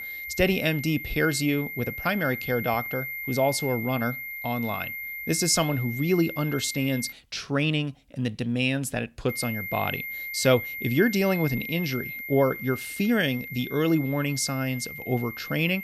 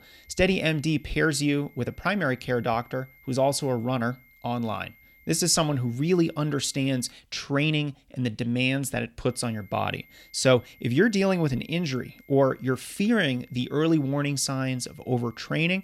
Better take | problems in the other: second | high-pitched whine; loud; until 7 s and from 9.5 s on; 2 kHz, 7 dB below the speech; faint in the second

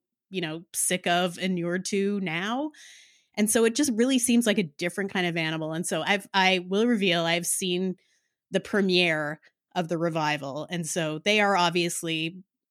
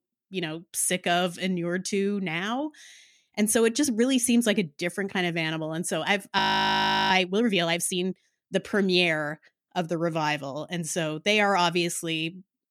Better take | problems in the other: first | audio freezing; at 6.5 s for 0.5 s

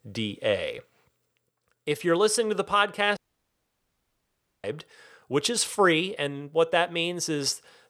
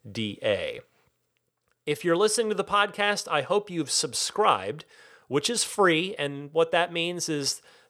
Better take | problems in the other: second | audio cutting out; at 3 s for 1.5 s

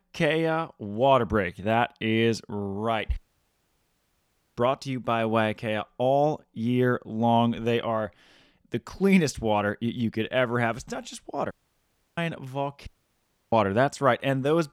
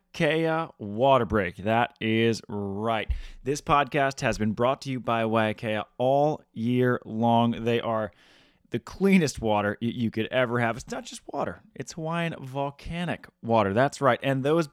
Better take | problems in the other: second | audio cutting out; at 3 s for 1.5 s, at 12 s for 0.5 s and at 13 s for 0.5 s

